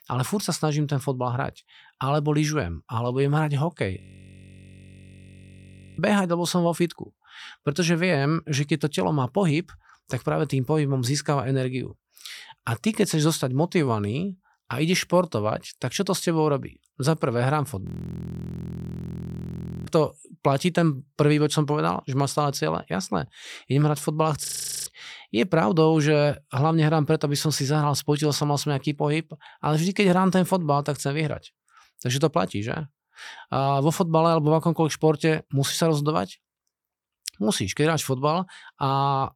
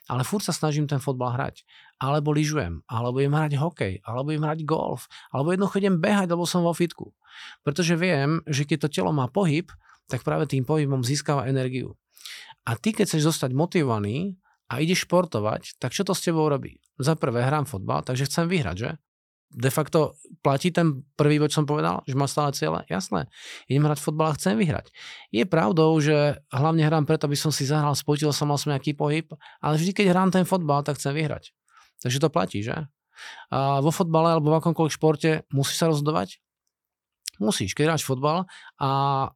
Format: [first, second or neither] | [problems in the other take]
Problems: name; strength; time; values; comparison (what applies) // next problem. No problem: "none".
second | audio freezing; at 4 s for 2 s, at 18 s for 2 s and at 24 s